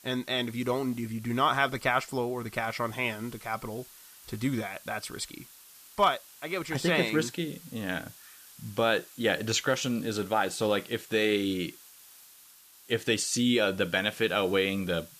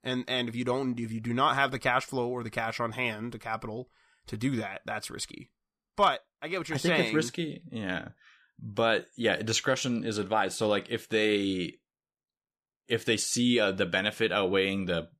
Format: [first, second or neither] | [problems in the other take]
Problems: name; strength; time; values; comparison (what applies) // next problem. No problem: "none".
second | hiss; faint; throughout; 20 dB below the speech